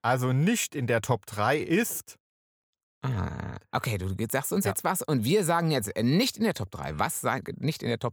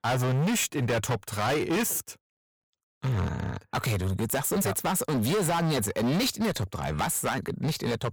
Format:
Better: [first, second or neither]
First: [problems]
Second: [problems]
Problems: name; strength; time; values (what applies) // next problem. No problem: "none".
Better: first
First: none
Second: distortion; heavy; 22% of the sound clipped